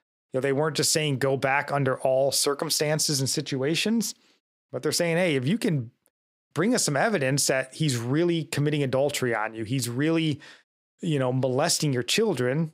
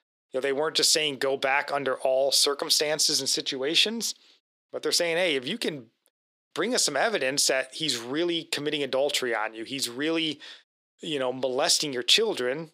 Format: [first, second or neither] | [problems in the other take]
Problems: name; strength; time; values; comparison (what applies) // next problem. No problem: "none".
first | thin; somewhat; fading below 400 Hz